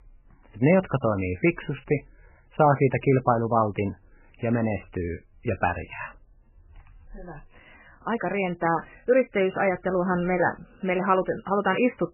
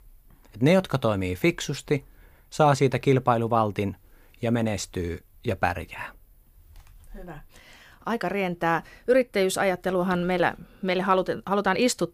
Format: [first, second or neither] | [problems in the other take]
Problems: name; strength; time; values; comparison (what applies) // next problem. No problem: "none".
second | garbled, watery; badly; nothing above 3 kHz